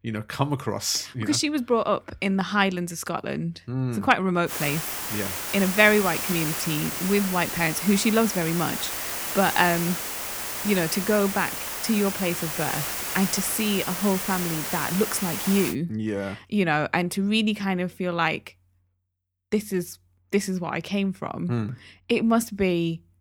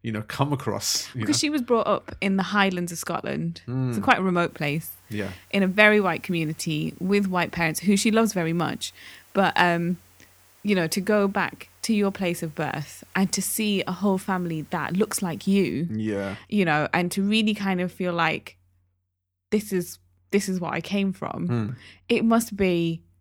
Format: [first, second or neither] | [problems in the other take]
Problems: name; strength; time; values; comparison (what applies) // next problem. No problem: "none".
second | hiss; loud; from 4.5 to 16 s; 3 dB below the speech; faint in the second